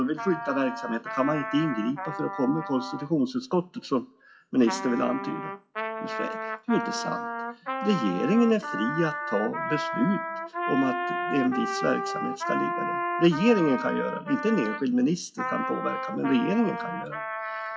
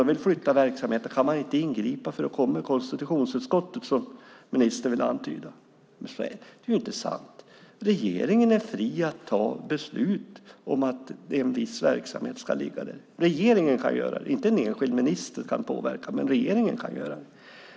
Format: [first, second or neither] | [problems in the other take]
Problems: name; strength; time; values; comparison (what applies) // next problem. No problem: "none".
second | noise reduction (classical method WPE with log-MMSE)